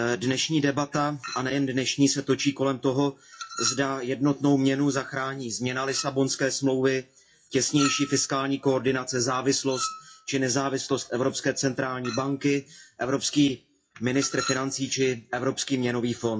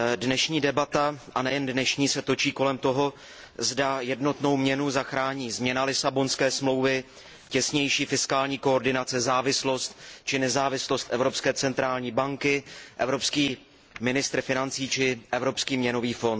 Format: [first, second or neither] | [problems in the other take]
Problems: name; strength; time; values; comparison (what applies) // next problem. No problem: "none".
second | noise reduction (classical method WPE with log-MMSE)